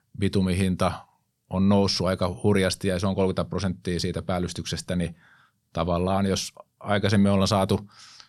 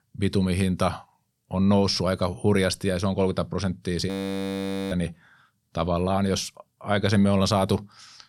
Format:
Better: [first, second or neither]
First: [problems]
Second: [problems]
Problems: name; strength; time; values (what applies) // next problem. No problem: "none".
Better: first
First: none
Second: audio freezing; at 4 s for 1 s